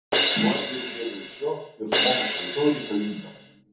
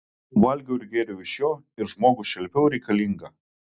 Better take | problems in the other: second | background sound (Crash cymbal); as loud as the speech // room echo; dies away in 0.6 s

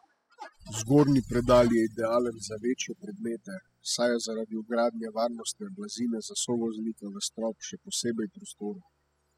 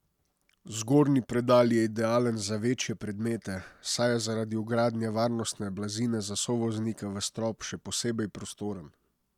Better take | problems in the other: second | noise reduction (classical method spectral subtraction)

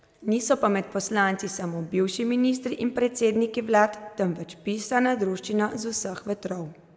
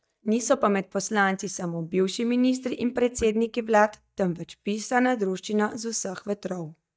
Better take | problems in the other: first | noise reduction (neural mask model DeepFilterNet 3)

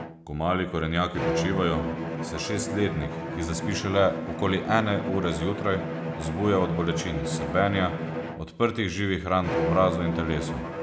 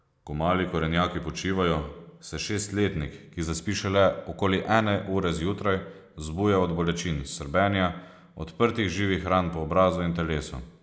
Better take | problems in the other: second | background sound (Bowed string instrument); 4 dB below the speech

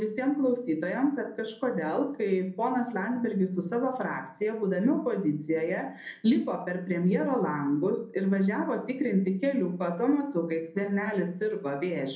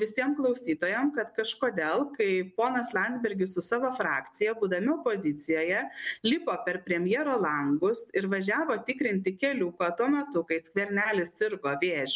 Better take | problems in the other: second | room echo; dies away in 0.6 s

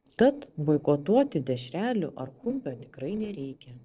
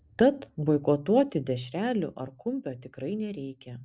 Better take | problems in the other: second | noise reduction (neural separator model SepFormer DNS4)

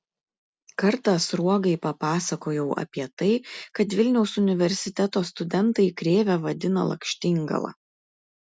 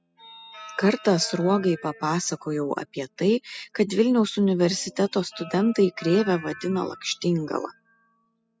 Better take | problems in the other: first | noise reduction (classical method spectral subtraction)

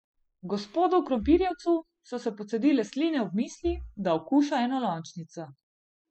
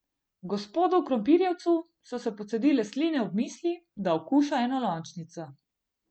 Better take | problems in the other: second | noise reduction (classical method spectral subtraction)

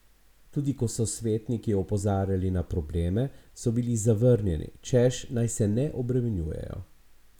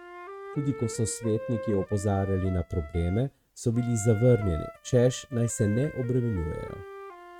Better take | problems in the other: first | noise reduction (neural mask model RNNoise)

